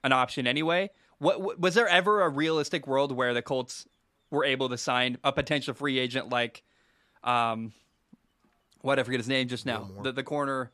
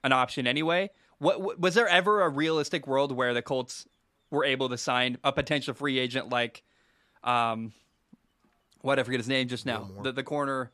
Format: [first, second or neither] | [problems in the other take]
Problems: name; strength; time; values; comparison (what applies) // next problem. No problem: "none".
neither | none